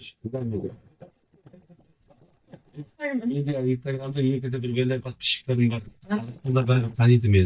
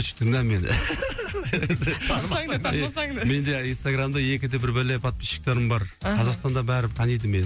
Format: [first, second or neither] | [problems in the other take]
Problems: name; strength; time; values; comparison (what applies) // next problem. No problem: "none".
second | noise reduction (neural mask model DeepFilterNet 3)